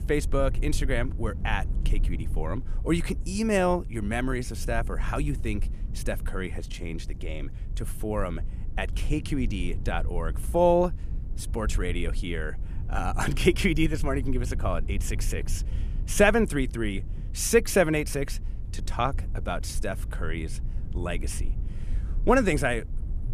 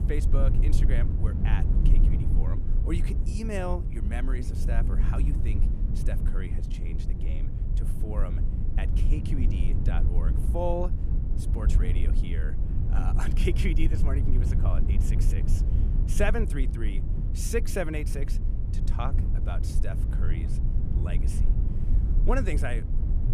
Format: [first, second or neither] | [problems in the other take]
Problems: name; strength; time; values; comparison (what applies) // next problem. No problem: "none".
first | low rumble; loud; throughout; 6 dB below the speech; faint in the first